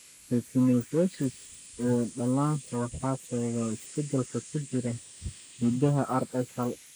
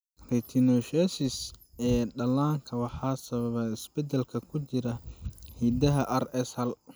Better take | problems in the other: second | noise reduction (neural mask model Resemble Enhance denoiser)

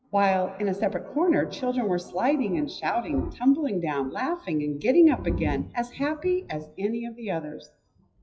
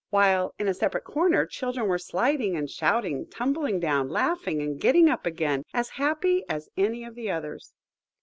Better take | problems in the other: second | noise reduction (classical method WPE with log-MMSE)

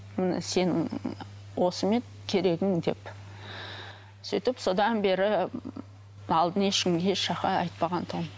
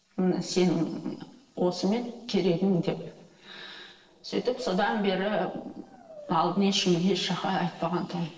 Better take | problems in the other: first | noise reduction (neural separator model SepFormer DNS4)

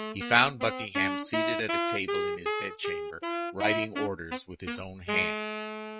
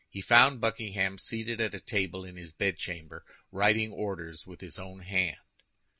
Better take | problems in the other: second | noise reduction (neural mask model RNNoise)

